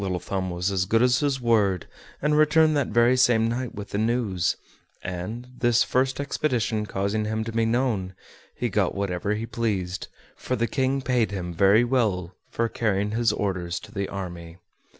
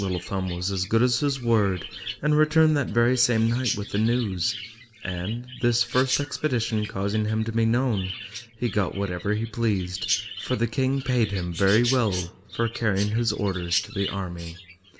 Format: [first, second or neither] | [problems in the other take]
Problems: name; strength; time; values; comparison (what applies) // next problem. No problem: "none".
first | background sound (Chirp, tweet); 12 dB below the speech // room echo; dies away in 0.7 s